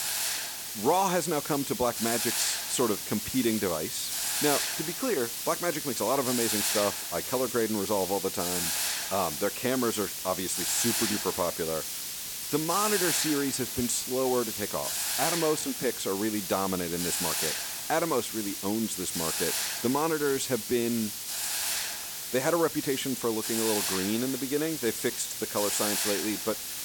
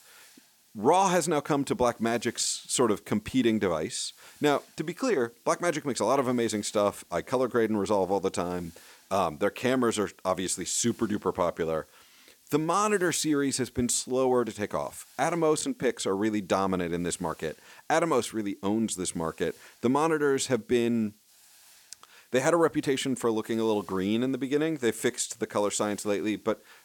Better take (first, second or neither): second